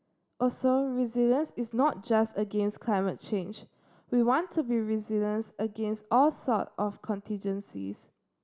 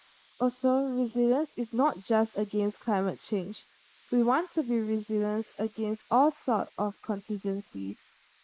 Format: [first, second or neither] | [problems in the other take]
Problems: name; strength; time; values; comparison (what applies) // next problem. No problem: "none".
first | noise reduction (neural mask model Resemble Enhance denoiser)